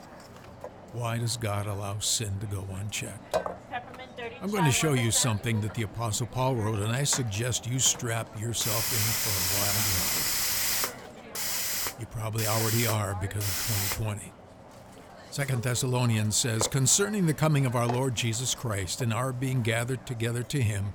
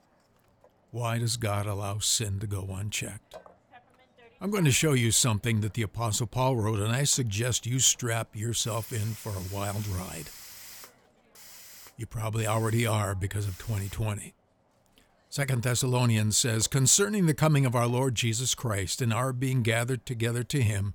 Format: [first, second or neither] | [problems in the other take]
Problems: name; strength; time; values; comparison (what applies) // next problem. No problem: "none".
second | hiss; loud; throughout; 1 dB below the speech; faint in the second